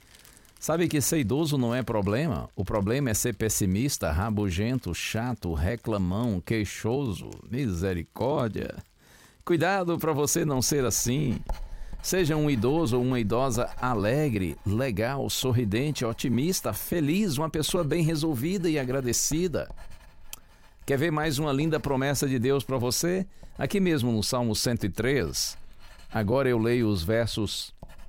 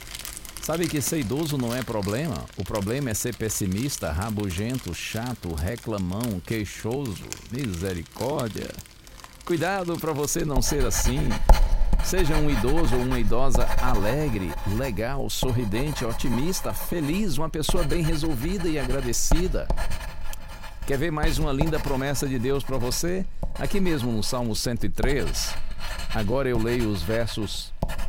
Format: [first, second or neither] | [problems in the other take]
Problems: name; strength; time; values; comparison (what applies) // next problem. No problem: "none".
first | household noises; loud; throughout; 6 dB below the speech; faint in the first